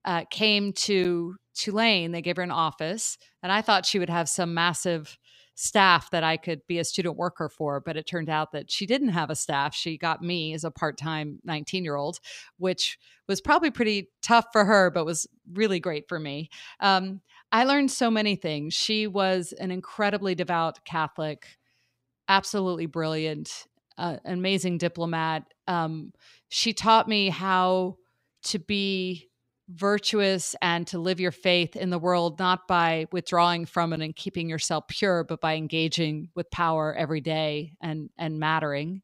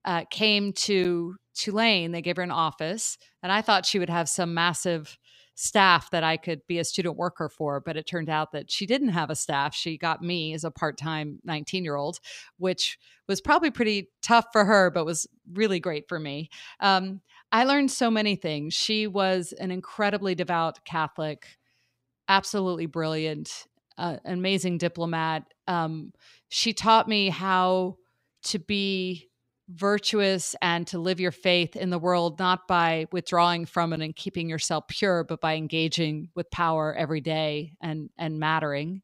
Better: neither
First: none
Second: none

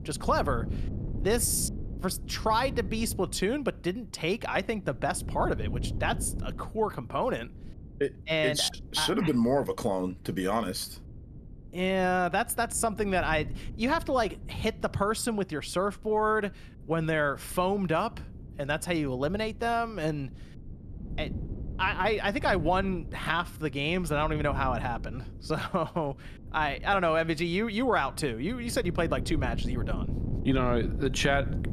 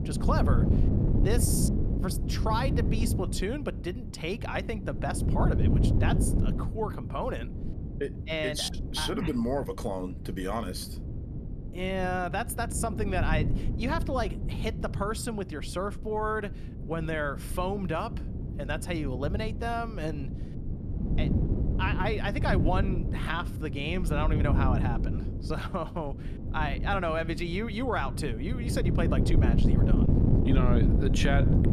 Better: first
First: wind noise on the microphone; occasional gusts; 20 dB below the speech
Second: wind noise on the microphone; heavy; 7 dB below the speech

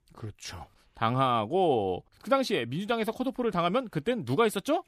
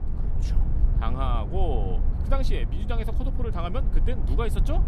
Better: first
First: none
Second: low rumble; loud; throughout; 9 dB below the speech

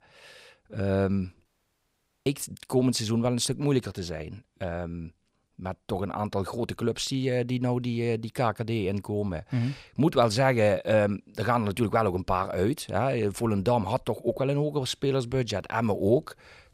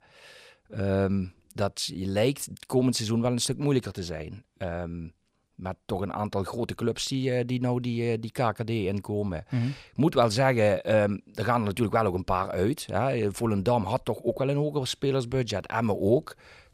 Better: second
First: audio cutting out; at 1.5 s for 1 s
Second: none

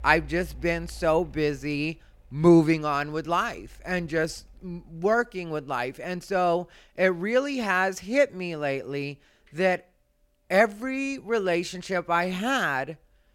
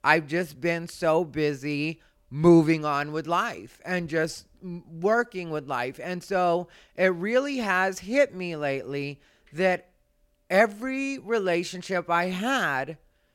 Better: second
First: machinery noise; faint; throughout; 25 dB below the speech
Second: none

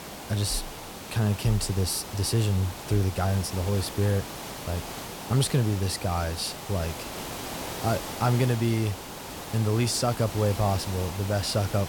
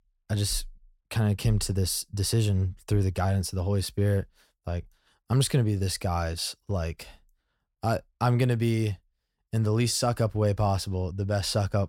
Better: second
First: hiss; loud; throughout; 9 dB below the speech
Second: none

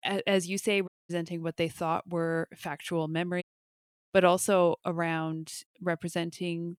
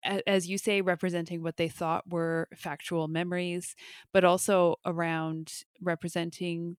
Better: second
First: audio cutting out; at 1 s and at 3.5 s for 0.5 s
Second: none

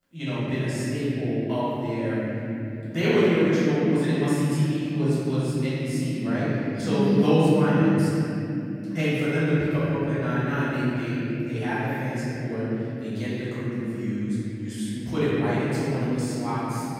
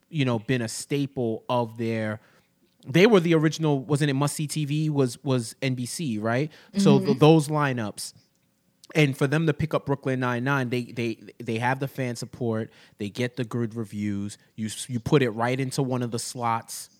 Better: second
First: room echo; strong; dies away in 3 s // off-mic speech; far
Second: none

